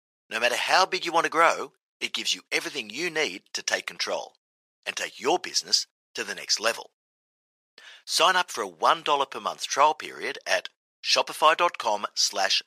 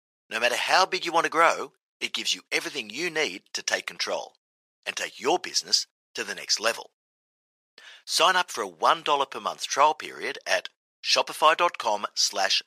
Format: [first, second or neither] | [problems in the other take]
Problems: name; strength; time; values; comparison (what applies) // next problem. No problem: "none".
neither | thin; very; fading below 800 Hz; the same in both